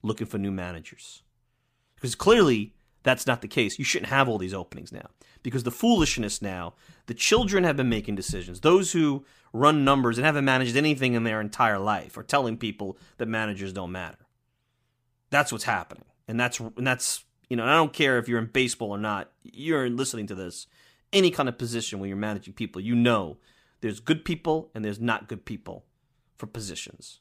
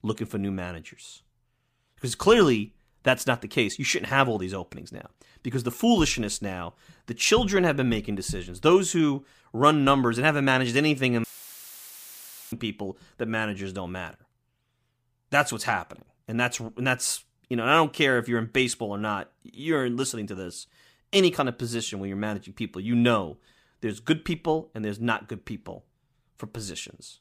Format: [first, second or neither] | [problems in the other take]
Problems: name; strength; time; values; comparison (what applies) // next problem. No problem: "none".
first | audio cutting out; filled with static; at 11 s for 1.5 s